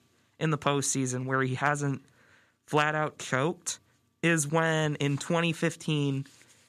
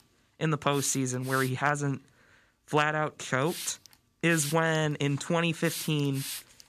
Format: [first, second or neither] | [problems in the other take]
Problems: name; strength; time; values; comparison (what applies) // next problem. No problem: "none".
first | hiss; noticeable; throughout; 10 dB below the speech